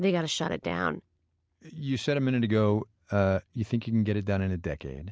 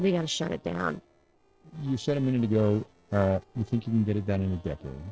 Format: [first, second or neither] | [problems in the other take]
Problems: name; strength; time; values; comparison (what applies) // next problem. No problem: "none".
first | noise reduction (neural separator model SepFormer DNS4)